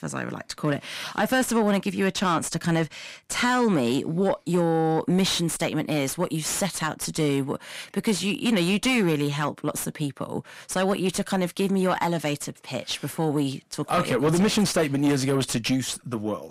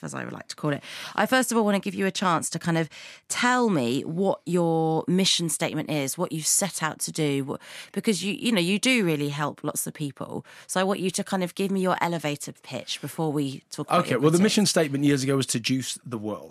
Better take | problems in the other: second | distortion; slight; 10 dB below the speech

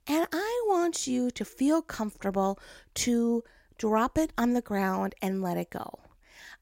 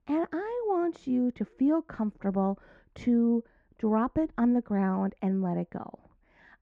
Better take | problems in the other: first | muffled; very; fading above 1.5 kHz

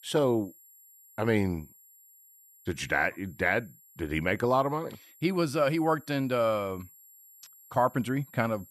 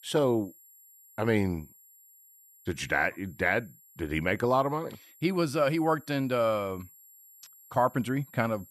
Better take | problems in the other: neither | high-pitched whine; faint; throughout; 11.5 kHz, 25 dB below the speech; the same in both

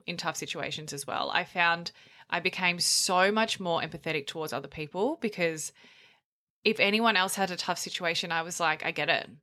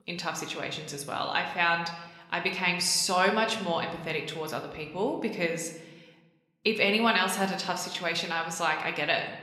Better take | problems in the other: first | room echo; slight; dies away in 0.9 s

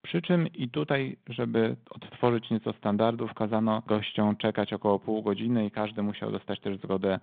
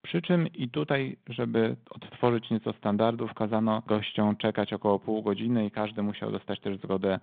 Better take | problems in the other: neither | phone-call audio; the same in both

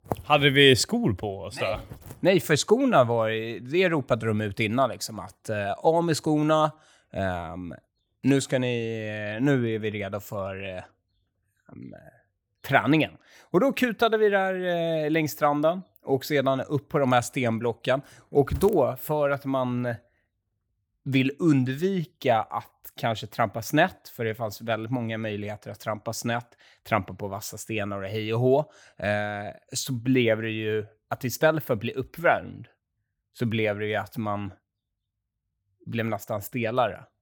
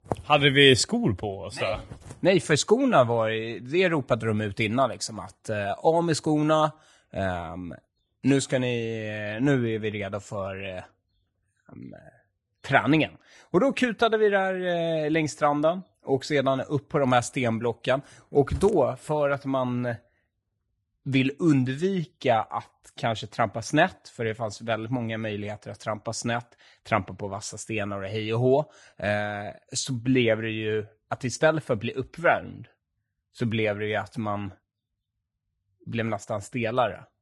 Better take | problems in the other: first | garbled, watery; slightly; nothing above 10 kHz

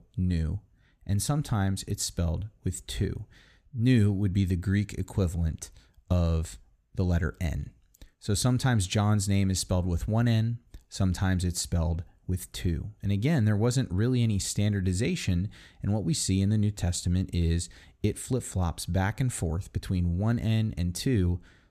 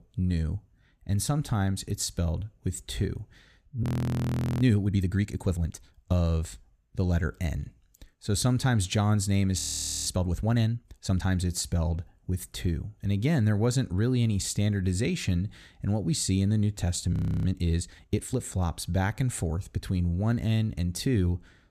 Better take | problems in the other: first | audio freezing; at 4 s for 1 s, at 9.5 s and at 17 s

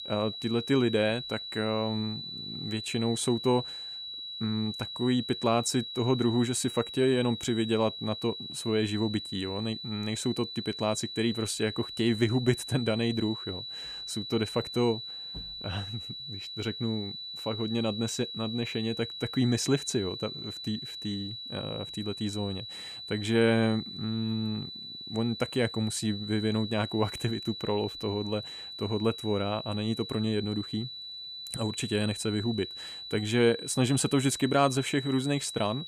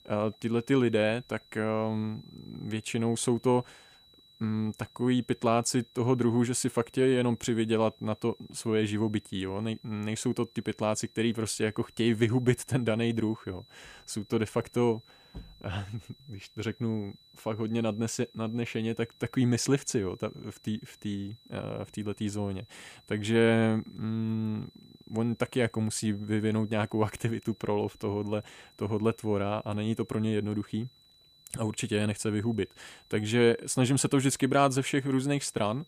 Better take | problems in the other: second | high-pitched whine; loud; throughout; 4 kHz, 8 dB below the speech; faint in the second

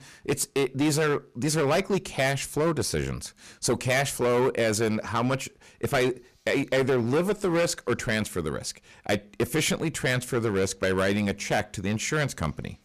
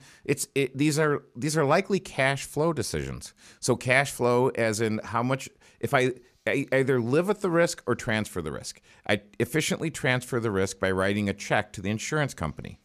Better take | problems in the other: second | distortion; heavy; 10% of the sound clipped

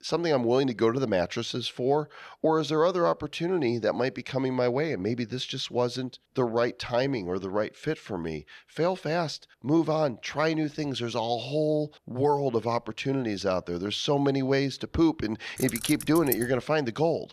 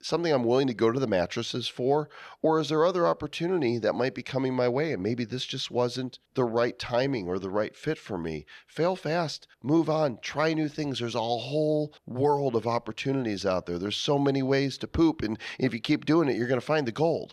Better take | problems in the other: second | jangling keys; noticeable; at 16 s; peak 5 dB below the speech

